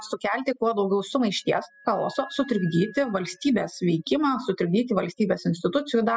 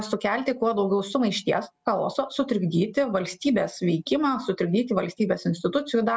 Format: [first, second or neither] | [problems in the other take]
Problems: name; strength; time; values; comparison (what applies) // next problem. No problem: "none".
second | noise reduction (classical method spectral subtraction)